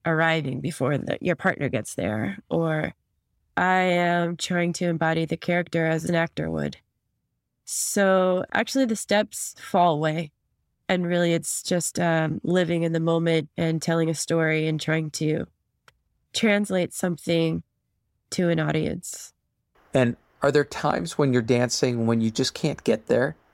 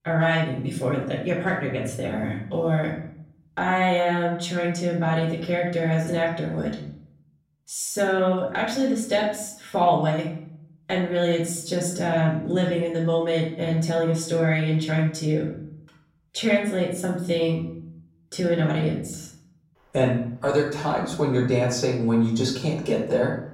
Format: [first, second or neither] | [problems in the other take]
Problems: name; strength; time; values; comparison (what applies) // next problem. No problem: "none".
first | room echo; noticeable; dies away in 0.6 s // off-mic speech; far